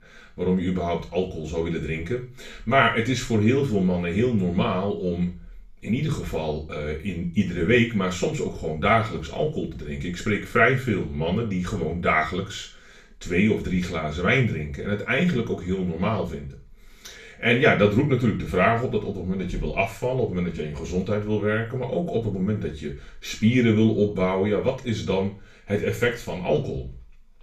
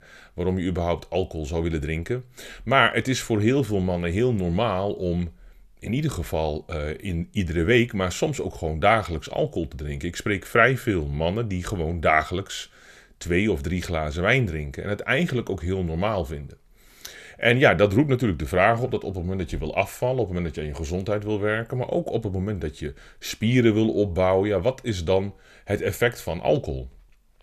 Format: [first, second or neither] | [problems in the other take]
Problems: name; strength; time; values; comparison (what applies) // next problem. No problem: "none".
second | room echo; slight; dies away in 0.3 s // off-mic speech; far